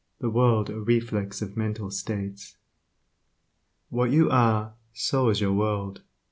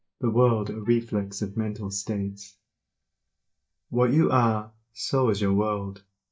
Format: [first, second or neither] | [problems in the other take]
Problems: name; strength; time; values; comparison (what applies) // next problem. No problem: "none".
first | noise reduction (neural mask model DeepFilterNet 3)